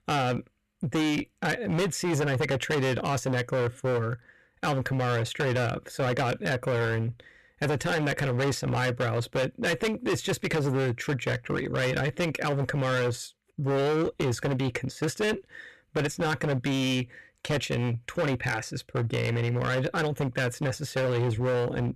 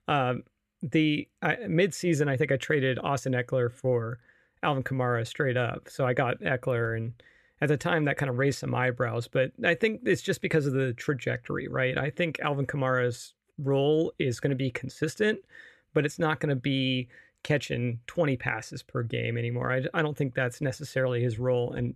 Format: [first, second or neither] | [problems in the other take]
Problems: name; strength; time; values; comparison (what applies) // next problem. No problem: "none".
second | distortion; heavy; 24% of the sound clipped